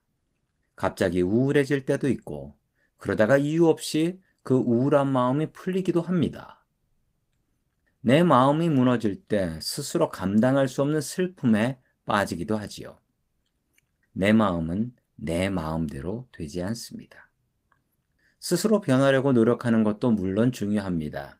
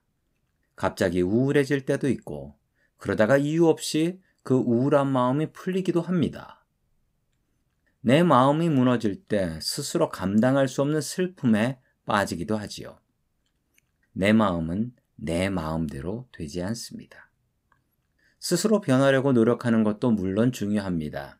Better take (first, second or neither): second